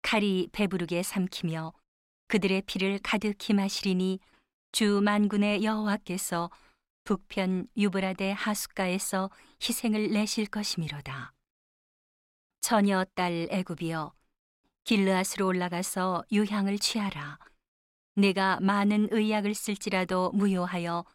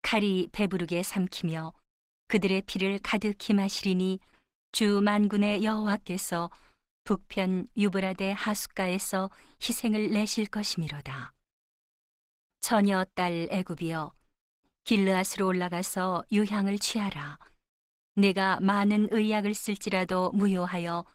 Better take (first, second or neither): first